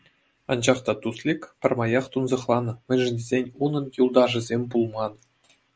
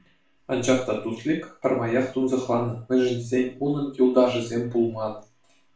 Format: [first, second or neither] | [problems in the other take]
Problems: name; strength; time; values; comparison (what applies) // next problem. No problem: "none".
first | room echo; dies away in 0.3 s